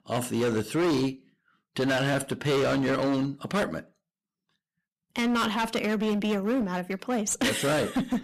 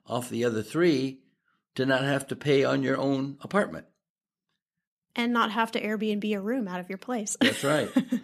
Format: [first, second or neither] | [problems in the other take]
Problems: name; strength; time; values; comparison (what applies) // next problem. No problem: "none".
second | distortion; heavy; 18% of the sound clipped